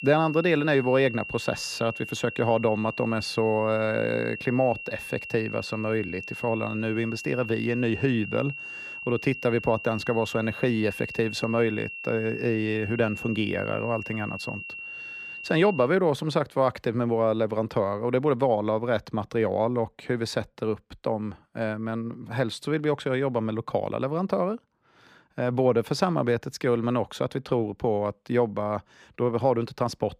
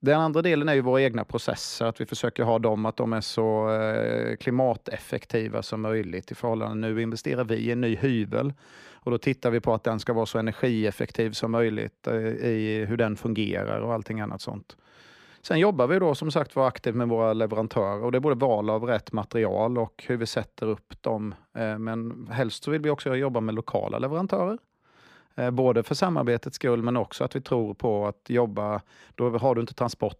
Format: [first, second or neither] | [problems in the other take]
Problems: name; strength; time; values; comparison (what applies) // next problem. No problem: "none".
second | high-pitched whine; loud; until 16 s; 2.5 kHz, 9 dB below the speech